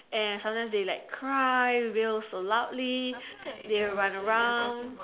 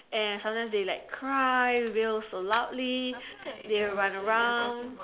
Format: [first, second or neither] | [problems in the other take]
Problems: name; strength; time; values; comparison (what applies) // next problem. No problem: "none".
first | background sound (Camera); 19 dB below the speech